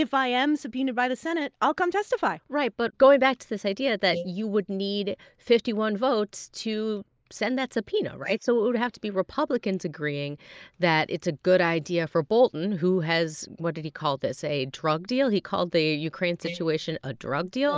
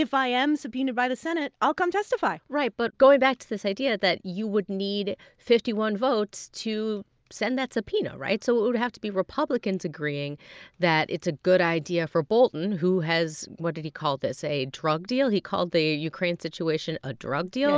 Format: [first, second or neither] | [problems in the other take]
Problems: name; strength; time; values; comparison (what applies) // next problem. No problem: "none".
second | noise reduction (neural mask model Resemble Enhance denoiser)